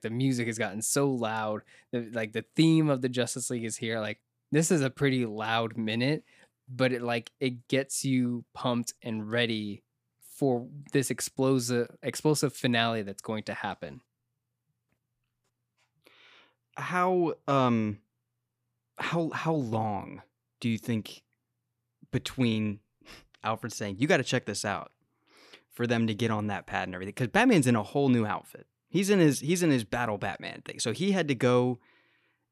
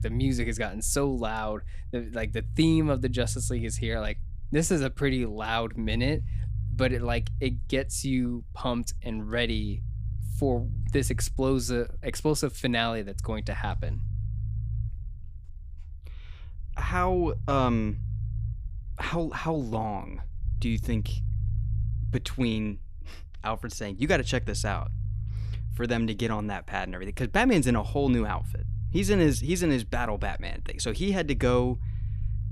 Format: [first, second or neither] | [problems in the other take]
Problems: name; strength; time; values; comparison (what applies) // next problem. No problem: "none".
first | low rumble; faint; throughout; 20 dB below the speech